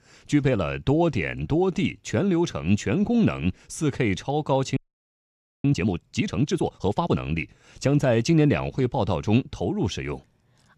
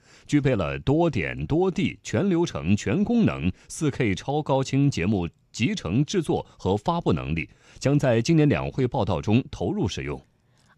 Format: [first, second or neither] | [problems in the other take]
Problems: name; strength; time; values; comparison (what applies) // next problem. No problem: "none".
second | audio freezing; at 5 s for 1 s